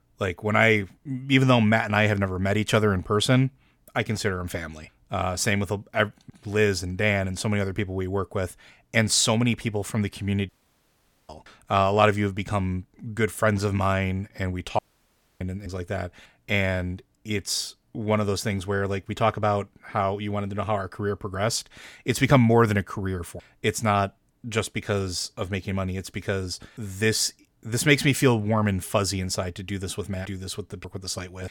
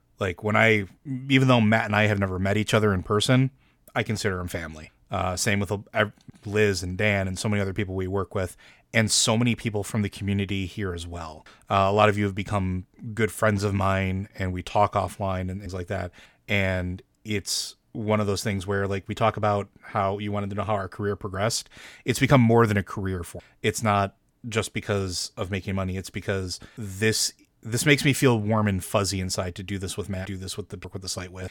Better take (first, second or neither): second